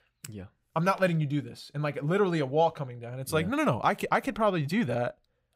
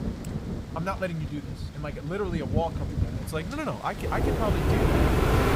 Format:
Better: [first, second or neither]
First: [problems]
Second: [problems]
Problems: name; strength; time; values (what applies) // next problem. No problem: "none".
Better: first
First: none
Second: rain or running water; very loud; throughout; 4 dB above the speech